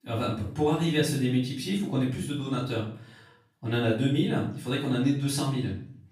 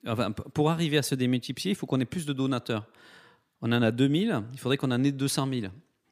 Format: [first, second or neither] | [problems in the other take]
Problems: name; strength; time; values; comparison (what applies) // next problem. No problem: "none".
second | off-mic speech; far // room echo; noticeable; dies away in 0.5 s